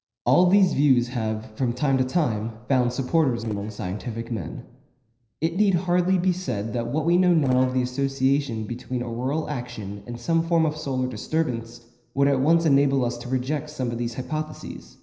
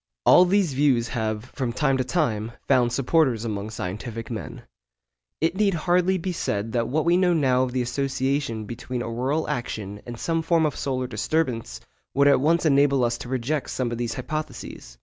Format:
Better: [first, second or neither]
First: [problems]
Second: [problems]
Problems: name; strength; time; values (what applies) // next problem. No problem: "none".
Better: second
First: noise reduction (neural separator model SepFormer DNS4)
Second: none